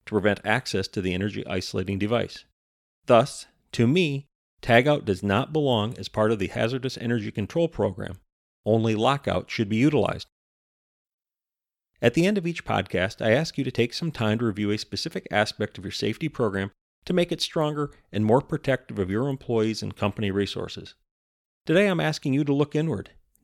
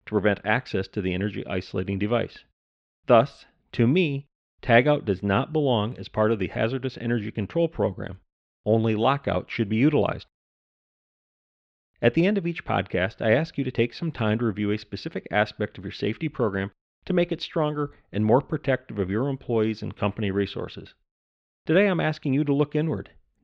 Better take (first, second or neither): first